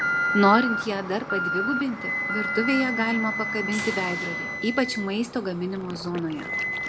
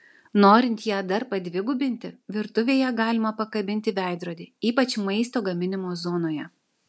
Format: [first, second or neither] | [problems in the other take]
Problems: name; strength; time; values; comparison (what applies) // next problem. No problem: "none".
second | background sound (Wind instrument, woodwind instrument + Alarm); 2 dB below the speech